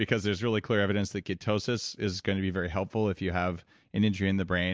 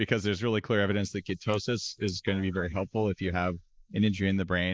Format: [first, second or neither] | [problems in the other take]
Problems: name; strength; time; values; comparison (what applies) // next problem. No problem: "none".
first | noise reduction (neural mask model Resemble Enhance denoiser)